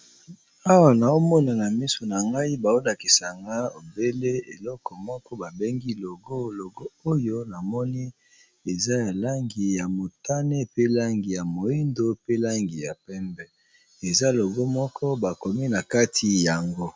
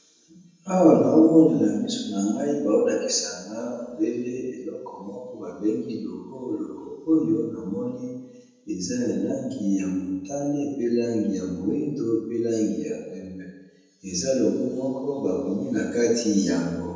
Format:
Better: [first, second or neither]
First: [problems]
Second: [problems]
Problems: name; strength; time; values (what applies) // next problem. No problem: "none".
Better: first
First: none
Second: room echo; dies away in 1.1 s